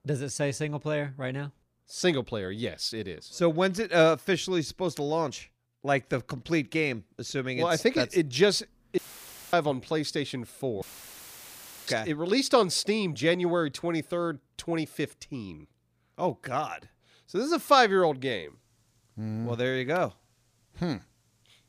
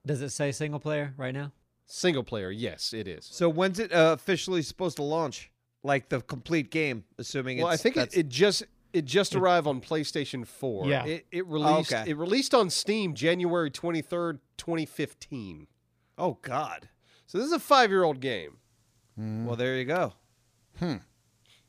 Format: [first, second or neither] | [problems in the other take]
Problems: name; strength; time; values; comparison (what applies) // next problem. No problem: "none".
second | audio cutting out; filled with static; at 9 s for 0.5 s and at 11 s for 1 s